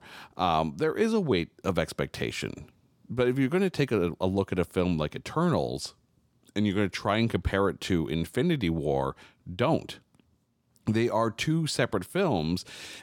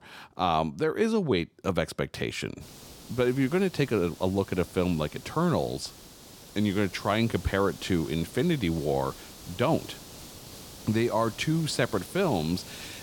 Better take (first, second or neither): first